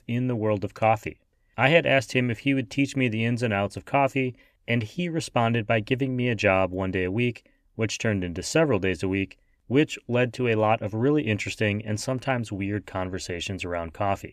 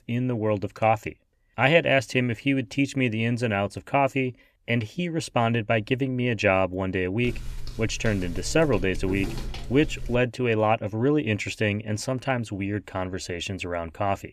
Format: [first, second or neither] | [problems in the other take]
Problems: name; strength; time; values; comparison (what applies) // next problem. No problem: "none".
first | footsteps; noticeable; from 7 to 10 s; peak 8 dB below the speech